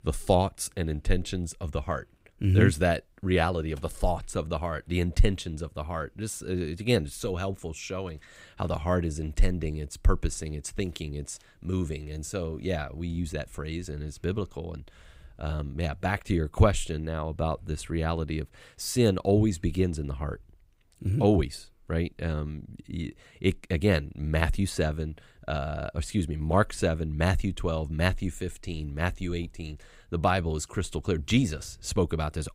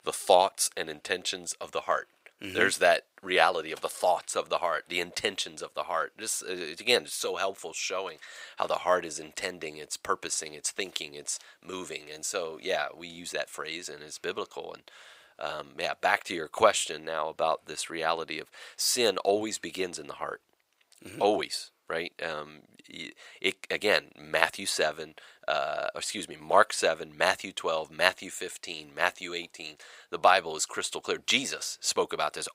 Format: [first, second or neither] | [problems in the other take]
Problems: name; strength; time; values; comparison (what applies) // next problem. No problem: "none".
first | thin; very; fading below 700 Hz